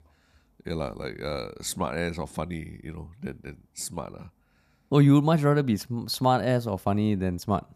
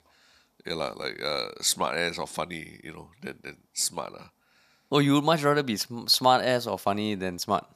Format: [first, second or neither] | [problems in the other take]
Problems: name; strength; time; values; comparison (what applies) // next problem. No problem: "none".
first | thin; somewhat; fading below 650 Hz